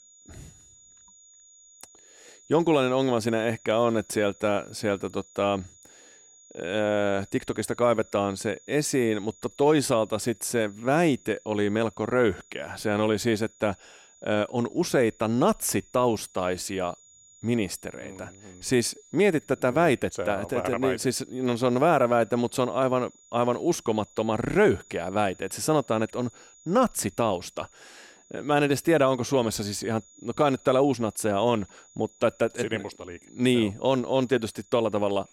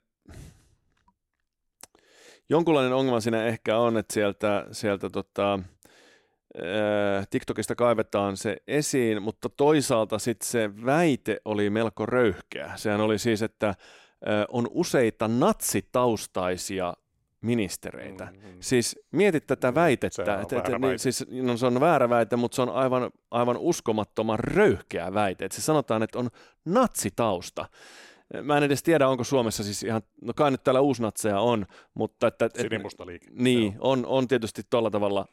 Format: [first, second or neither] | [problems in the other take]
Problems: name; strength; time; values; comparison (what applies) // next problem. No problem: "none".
second | high-pitched whine; faint; throughout; 7 kHz, 25 dB below the speech